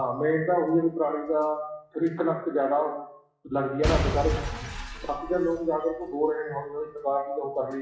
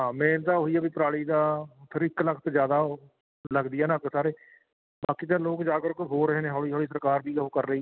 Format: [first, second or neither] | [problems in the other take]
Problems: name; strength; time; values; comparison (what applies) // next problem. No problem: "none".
second | noise reduction (classical method WPE with log-MMSE)